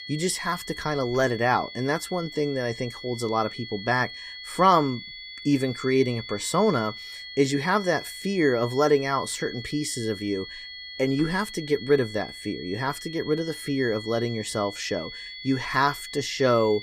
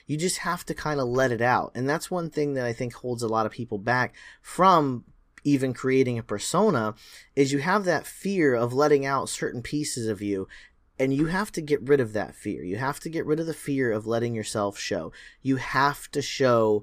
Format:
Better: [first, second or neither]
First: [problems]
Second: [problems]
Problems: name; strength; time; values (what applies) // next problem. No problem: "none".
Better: second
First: high-pitched whine; noticeable; throughout; 2 kHz, 10 dB below the speech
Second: none